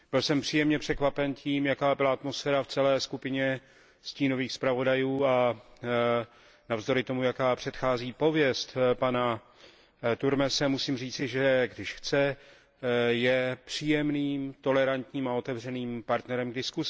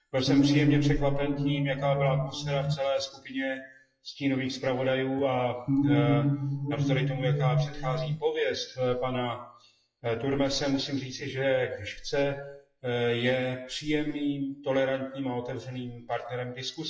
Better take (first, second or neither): first